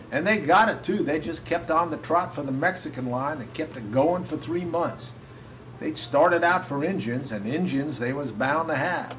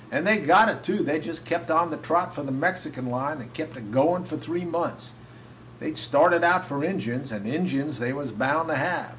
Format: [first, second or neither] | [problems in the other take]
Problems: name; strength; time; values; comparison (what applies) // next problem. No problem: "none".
second | background sound (Engine); 20 dB below the speech